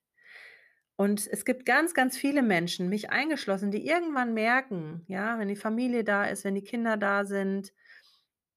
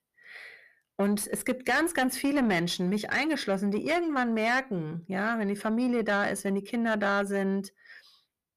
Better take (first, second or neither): first